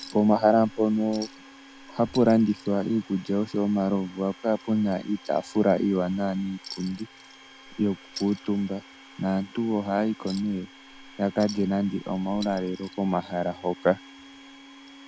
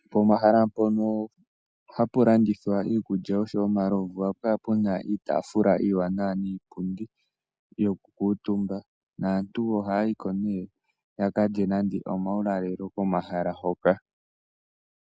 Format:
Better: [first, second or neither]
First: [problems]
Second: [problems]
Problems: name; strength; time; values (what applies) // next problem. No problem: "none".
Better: second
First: background sound (Chink, clink + Domestic sounds, home sounds); 20 dB below the speech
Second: none